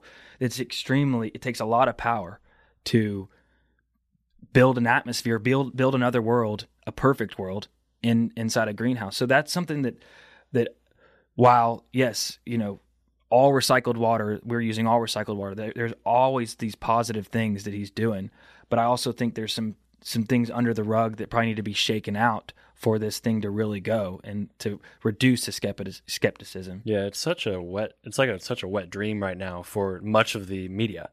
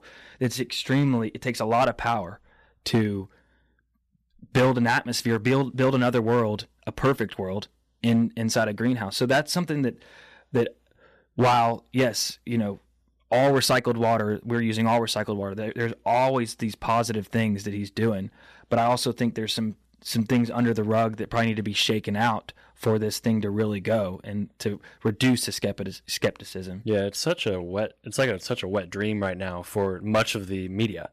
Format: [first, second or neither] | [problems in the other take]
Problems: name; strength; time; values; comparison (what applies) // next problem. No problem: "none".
first | distortion; slight; 4% of the sound clipped